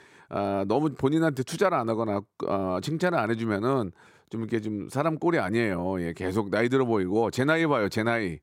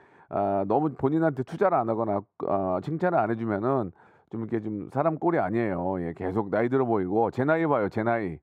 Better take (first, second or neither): first